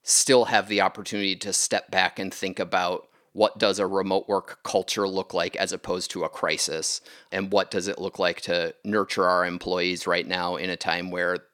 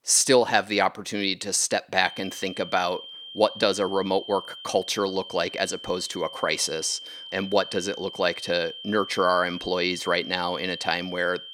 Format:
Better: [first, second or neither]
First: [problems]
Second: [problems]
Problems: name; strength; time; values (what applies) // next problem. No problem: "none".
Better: first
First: none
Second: high-pitched whine; noticeable; from 2 s on; 3 kHz, 10 dB below the speech